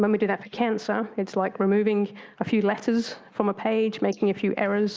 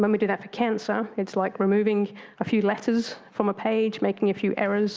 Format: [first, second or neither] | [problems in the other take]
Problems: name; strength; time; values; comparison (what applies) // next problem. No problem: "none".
second | noise reduction (neural mask model Resemble Enhance denoiser)